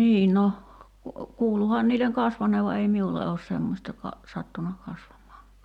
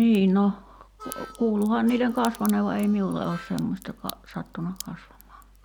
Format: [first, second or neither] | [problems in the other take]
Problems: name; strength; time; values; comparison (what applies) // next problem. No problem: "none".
first | background sound (Crack + Harmonica); 20 dB below the speech